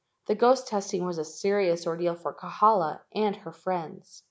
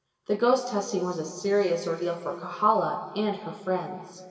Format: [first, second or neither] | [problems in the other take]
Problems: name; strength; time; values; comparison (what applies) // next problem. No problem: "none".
first | room echo; dies away in 2.2 s